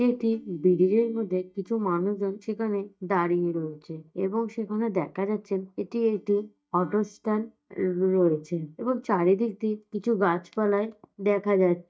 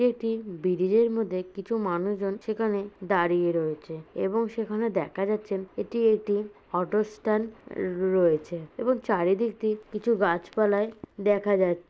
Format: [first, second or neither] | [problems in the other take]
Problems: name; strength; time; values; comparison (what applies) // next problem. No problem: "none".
second | noise reduction (neural mask model DeepFilterNet 3)